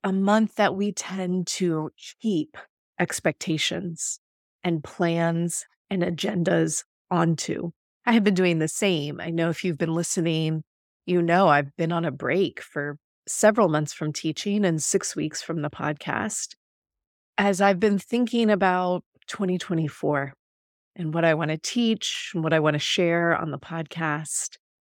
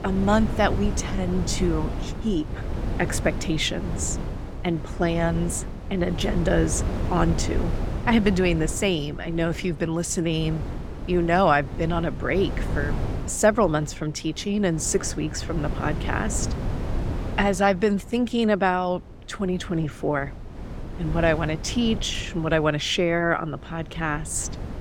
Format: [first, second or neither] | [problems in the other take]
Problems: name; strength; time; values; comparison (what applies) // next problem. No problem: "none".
first | wind noise on the microphone; occasional gusts; 15 dB below the speech